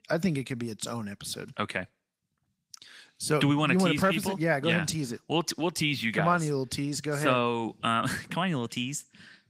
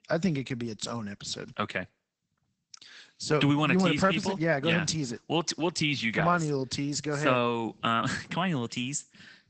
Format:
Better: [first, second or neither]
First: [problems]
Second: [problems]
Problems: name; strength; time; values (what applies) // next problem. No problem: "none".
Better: first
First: garbled, watery; slightly; nothing above 15.5 kHz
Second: garbled, watery; badly; nothing above 8 kHz